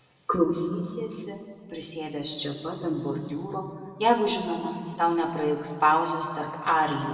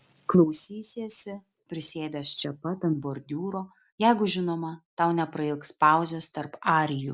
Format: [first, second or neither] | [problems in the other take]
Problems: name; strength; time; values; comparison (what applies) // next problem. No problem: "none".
second | room echo; dies away in 2.1 s